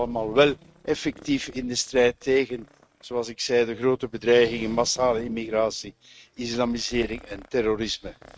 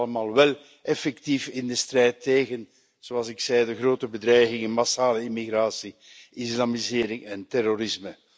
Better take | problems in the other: second | noise reduction (neural mask model RNNoise)

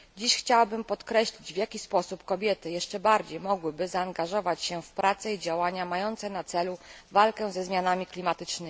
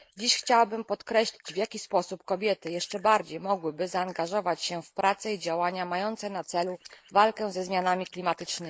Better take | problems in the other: first | noise reduction (neural mask model Resemble Enhance denoiser)

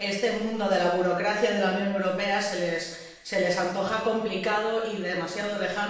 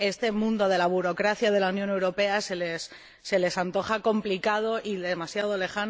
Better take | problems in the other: second | room echo; dies away in 0.9 s

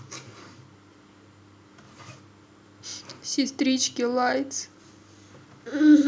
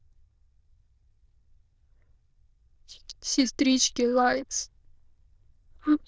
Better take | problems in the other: first | noise reduction (neural diffusion model UNIVERSE++)

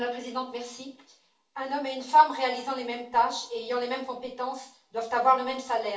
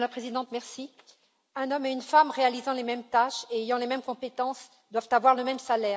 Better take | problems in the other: second | room echo; dies away in 0.3 s

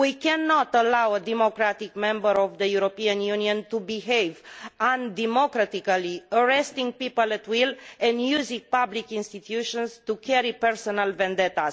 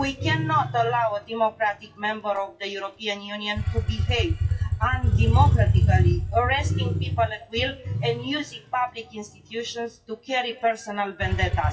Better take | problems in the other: first | noise reduction (classical method WPE with log-MMSE)

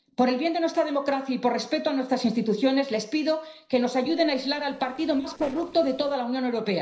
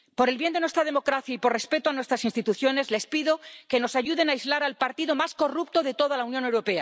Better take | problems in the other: second | noise reduction (neural separator model SepFormer DNS4)

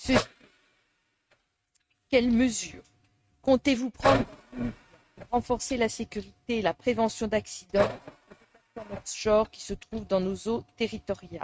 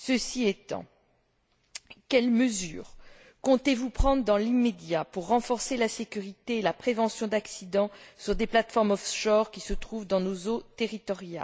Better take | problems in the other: second | noise reduction (neural mask model RNNoise)

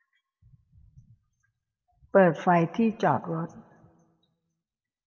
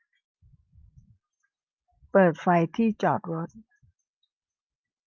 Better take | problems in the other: second | room echo; dies away in 0.8 s

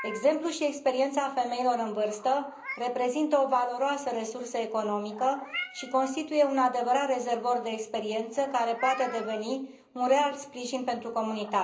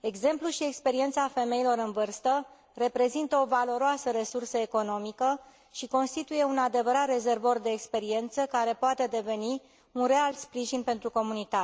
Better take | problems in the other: second | background sound (Meow); 17 dB below the speech // room echo; dies away in 0.5 s

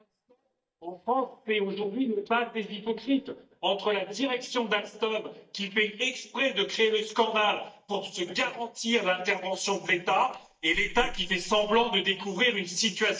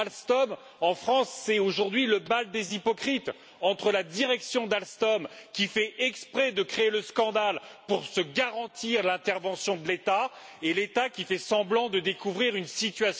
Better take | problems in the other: second | noise reduction (neural mask model DeepFilterNet 3)

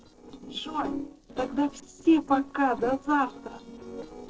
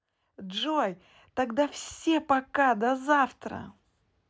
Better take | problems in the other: second | noise reduction (neural separator model SepFormer DNS4)

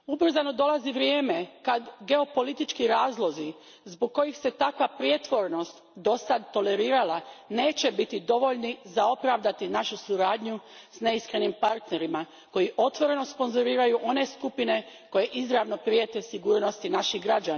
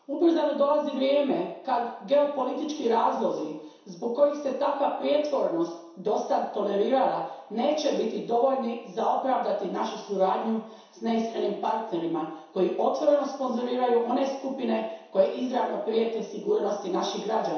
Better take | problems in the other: first | room echo; dies away in 0.7 s

